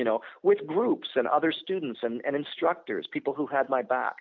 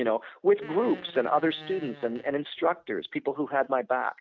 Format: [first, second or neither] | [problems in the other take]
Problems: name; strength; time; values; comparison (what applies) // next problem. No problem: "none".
first | noise reduction (neural mask model RNNoise)